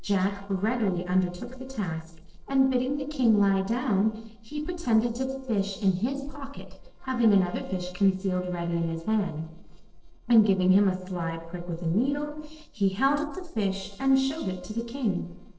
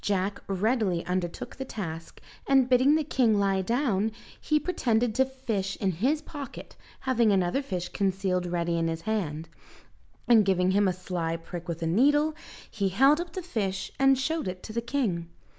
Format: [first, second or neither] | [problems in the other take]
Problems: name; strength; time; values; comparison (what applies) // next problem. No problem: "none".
second | noise reduction (neural separator model SepFormer DNS4)